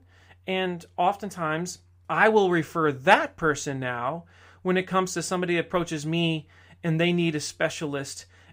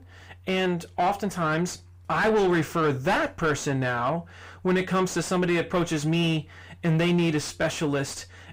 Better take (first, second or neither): first